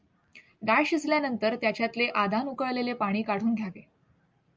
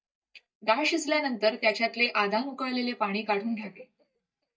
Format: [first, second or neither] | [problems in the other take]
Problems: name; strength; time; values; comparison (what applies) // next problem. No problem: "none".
first | noise reduction (neural mask model DeepFilterNet 3)